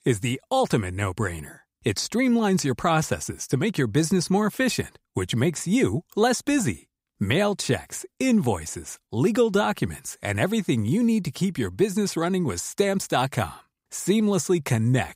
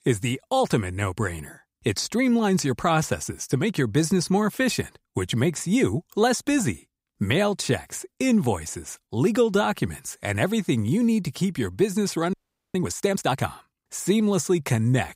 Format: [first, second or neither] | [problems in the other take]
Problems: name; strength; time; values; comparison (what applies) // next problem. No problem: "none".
first | audio freezing; at 12 s